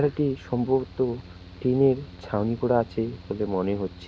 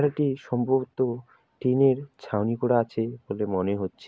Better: second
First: background sound (Mechanical fan); 18 dB below the speech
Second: none

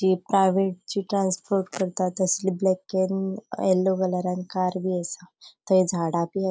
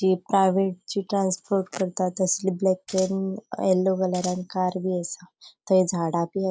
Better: first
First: none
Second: background sound (Scissors); 13 dB below the speech

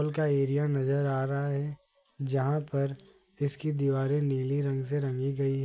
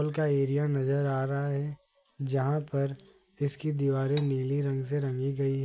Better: first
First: none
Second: background sound (Cutlery, silverware); 19 dB below the speech

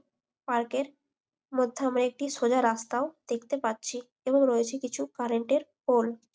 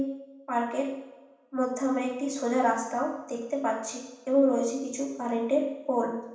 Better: first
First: none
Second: room echo; dies away in 0.9 s

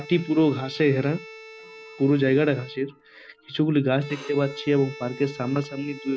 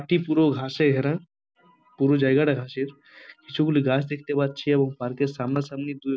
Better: second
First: background sound (Bowed string instrument); 18 dB below the speech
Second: none

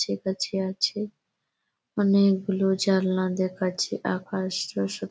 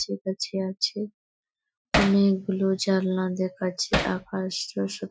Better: first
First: none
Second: noise reduction (classical method Wiener filter)

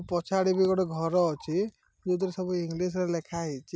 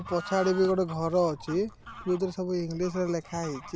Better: first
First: none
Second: background sound (Bird / Fowl); 15 dB below the speech

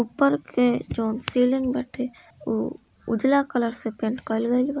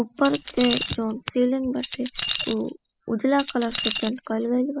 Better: first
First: none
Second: noise reduction (classical method spectral subtraction)

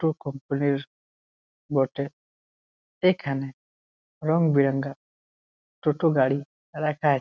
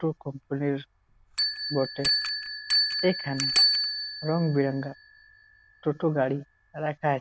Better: first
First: none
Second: background sound (Bell); as loud as the speech

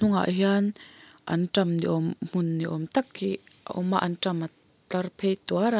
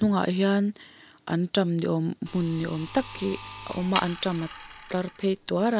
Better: first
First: none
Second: background sound (Sawing); 14 dB below the speech

